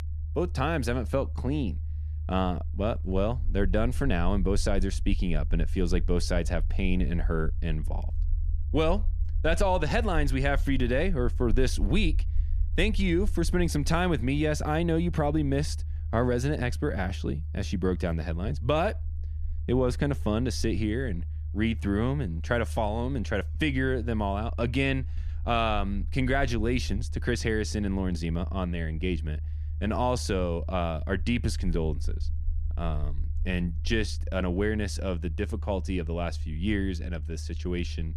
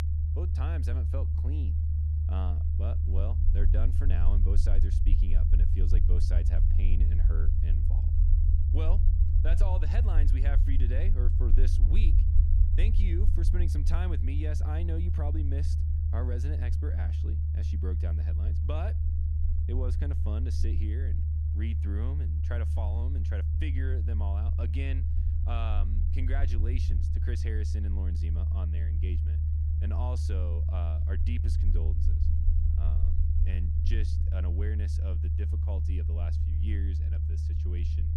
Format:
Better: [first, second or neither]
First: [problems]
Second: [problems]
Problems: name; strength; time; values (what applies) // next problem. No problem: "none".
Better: first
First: low rumble; faint; throughout; 20 dB below the speech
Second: low rumble; loud; throughout; 1 dB below the speech